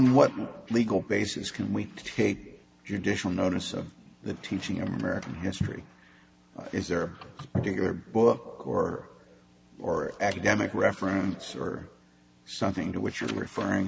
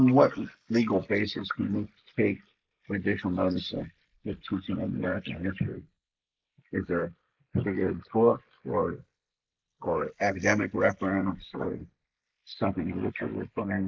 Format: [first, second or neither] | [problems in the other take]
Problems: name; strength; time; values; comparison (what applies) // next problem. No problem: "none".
first | noise reduction (neural mask model Resemble Enhance denoiser)